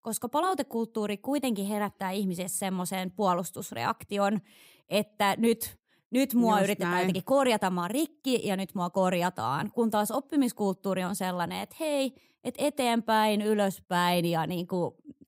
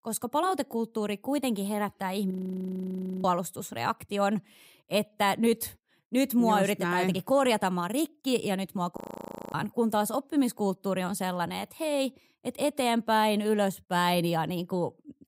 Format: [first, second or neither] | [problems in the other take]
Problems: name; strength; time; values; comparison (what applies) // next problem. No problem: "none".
first | audio freezing; at 2.5 s for 1 s and at 9 s for 0.5 s